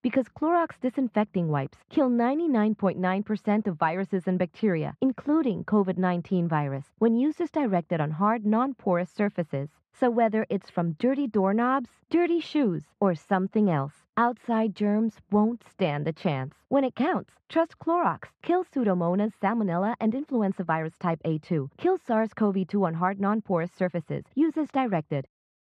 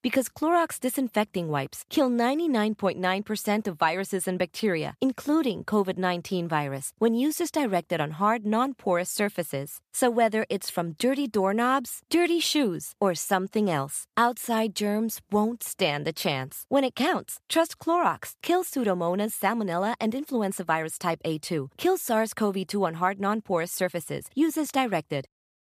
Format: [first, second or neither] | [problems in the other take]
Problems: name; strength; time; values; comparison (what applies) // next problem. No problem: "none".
second | muffled; very; fading above 2 kHz